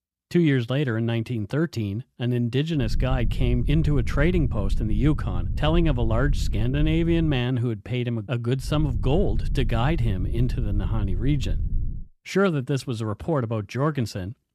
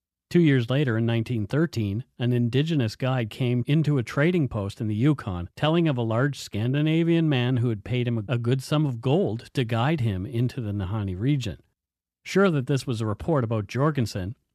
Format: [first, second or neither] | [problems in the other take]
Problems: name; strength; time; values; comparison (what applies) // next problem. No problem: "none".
second | low rumble; noticeable; from 3 to 7.5 s and from 8.5 to 12 s; 15 dB below the speech